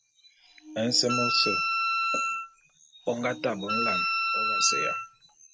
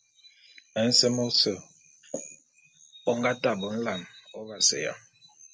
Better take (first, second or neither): second